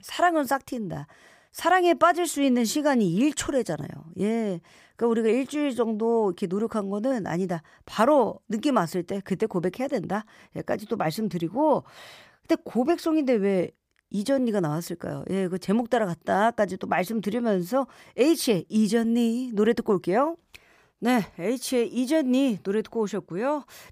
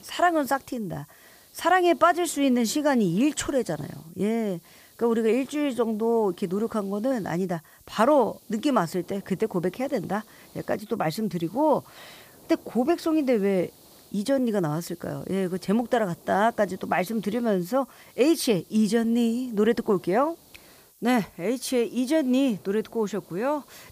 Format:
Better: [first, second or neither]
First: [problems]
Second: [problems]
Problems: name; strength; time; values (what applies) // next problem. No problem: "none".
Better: first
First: none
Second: hiss; faint; throughout; 25 dB below the speech